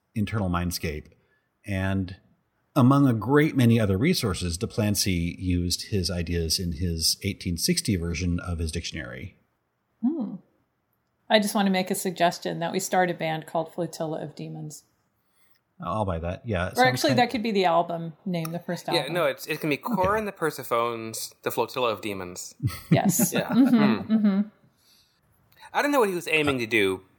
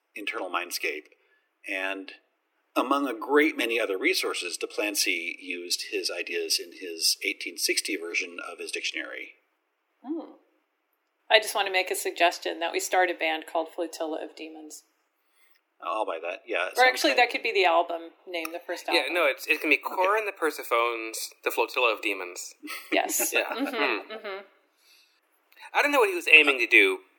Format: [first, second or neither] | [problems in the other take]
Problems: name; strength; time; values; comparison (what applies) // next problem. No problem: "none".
first | thin; very; fading below 300 Hz